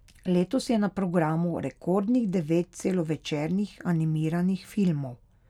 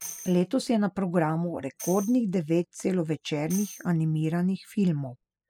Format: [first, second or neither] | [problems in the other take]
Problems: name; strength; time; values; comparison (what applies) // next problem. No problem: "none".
first | noise reduction (classical method spectral subtraction)